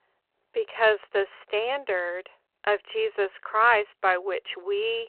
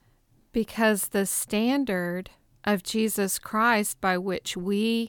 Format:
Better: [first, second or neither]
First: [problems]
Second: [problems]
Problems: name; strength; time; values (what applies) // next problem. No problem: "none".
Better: second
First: phone-call audio; nothing above 4 kHz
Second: none